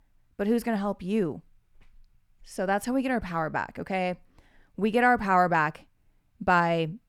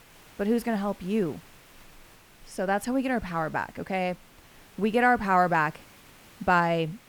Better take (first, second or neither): first